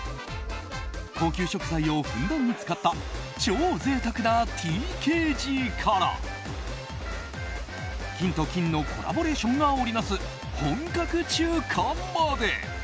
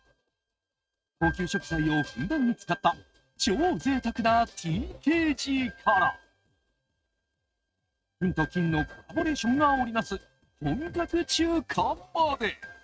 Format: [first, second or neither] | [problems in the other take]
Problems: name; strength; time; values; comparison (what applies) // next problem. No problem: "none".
first | noise reduction (neural mask model RNNoise)